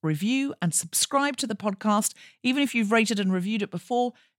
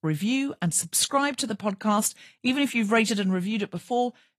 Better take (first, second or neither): first